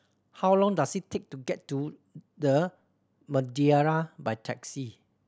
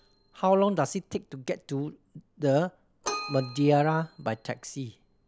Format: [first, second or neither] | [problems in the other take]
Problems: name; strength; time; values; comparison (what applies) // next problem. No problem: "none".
first | background sound (Keyboard (musical)); 16 dB below the speech